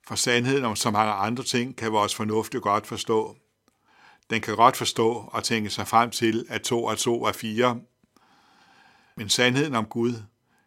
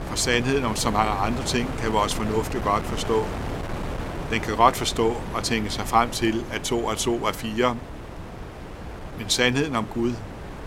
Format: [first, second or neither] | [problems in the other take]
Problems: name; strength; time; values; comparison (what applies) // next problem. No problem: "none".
first | wind noise on the microphone; occasional gusts; 10 dB below the speech